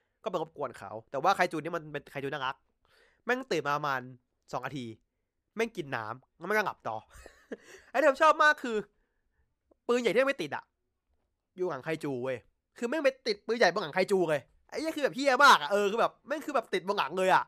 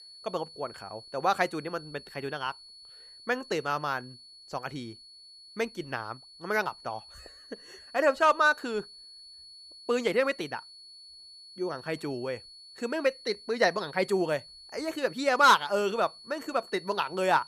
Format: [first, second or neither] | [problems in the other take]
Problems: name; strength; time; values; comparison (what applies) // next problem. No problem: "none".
first | high-pitched whine; noticeable; throughout; 4.5 kHz, 20 dB below the speech